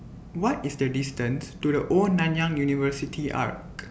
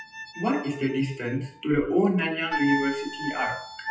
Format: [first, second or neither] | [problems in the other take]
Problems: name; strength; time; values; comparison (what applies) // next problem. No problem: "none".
first | noise reduction (classical method WPE with log-MMSE)